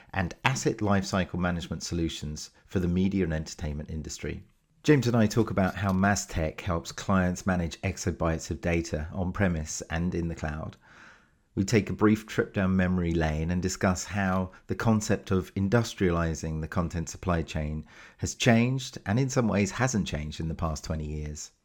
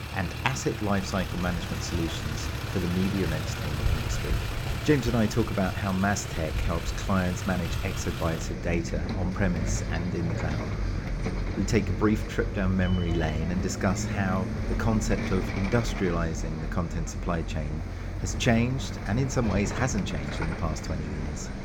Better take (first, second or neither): first